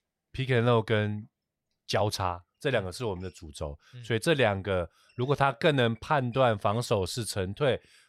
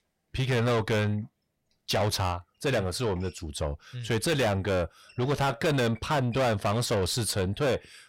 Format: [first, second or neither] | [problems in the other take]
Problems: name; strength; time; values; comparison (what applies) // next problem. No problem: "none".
first | distortion; heavy; 6 dB below the speech